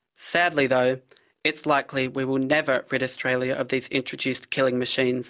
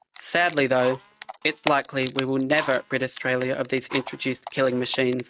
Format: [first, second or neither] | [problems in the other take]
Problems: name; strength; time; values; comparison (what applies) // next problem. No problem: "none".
first | noise reduction (neural mask model RNNoise)